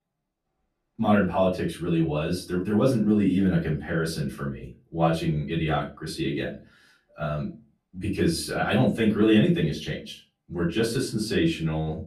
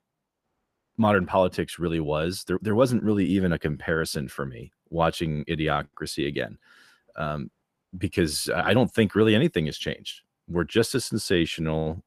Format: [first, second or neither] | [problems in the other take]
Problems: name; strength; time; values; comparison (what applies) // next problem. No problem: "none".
second | off-mic speech; far // room echo; very slight; dies away in 0.3 s